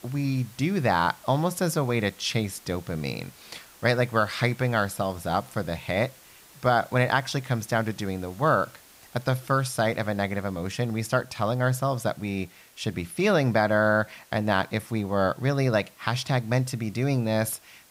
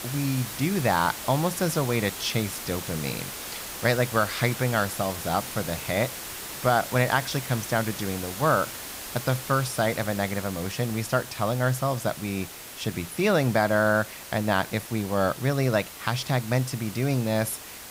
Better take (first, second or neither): first